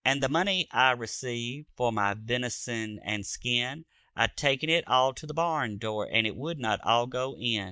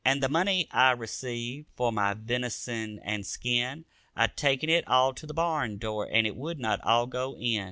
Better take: second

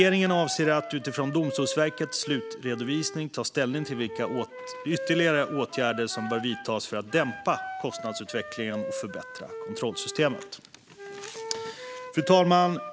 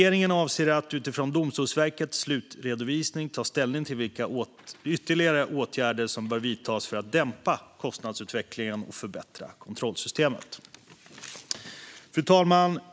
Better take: second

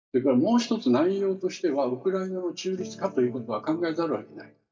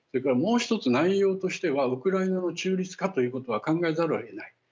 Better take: second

